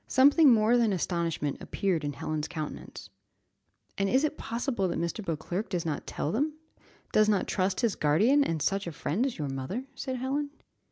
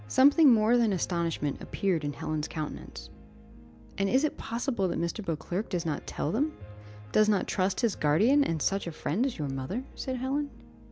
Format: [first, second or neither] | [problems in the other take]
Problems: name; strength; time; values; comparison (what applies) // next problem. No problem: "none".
first | background sound (Piano); 19 dB below the speech